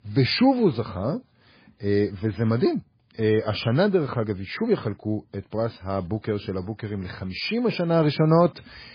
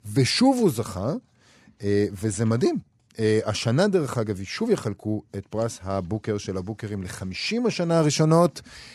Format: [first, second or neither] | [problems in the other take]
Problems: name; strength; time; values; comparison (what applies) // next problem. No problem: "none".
second | garbled, watery; badly; nothing above 4.5 kHz